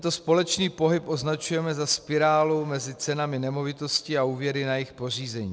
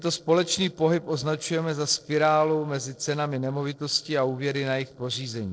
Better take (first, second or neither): first